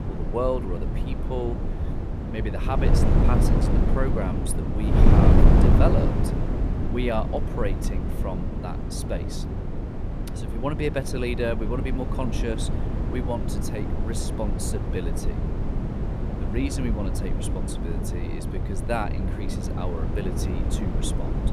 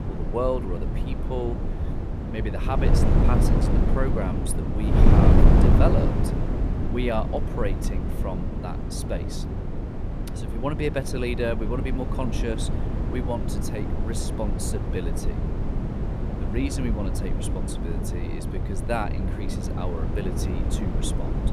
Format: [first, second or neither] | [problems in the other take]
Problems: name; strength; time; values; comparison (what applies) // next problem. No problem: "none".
neither | wind noise on the microphone; heavy; 2 dB below the speech; the same in both